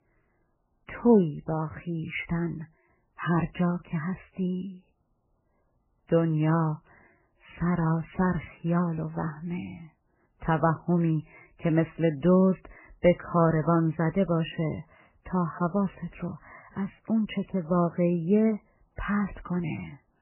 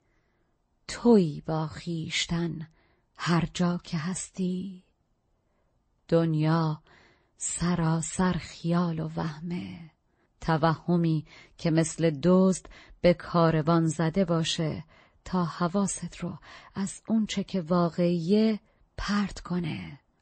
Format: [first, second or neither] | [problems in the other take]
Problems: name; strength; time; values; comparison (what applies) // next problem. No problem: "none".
second | garbled, watery; badly; nothing above 3 kHz; slightly in the second